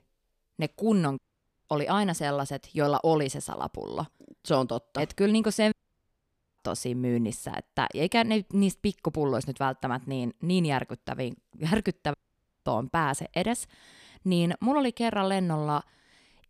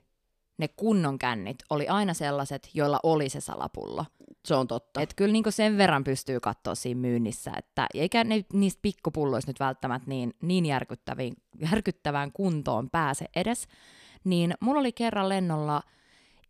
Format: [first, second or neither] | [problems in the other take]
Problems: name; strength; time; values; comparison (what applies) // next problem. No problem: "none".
second | audio cutting out; at 1 s for 0.5 s, at 5.5 s for 1 s and at 12 s for 0.5 s